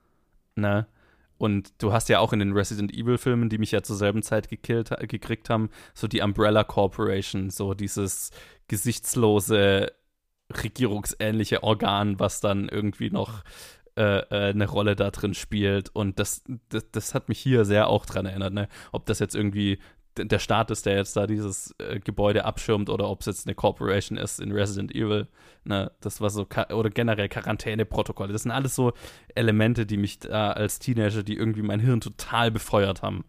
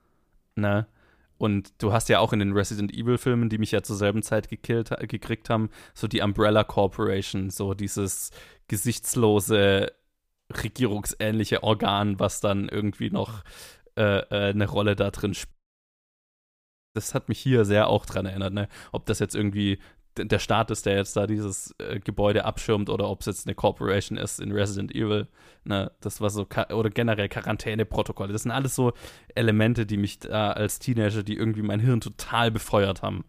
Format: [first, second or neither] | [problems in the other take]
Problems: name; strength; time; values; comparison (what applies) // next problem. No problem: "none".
first | audio cutting out; at 16 s for 1.5 s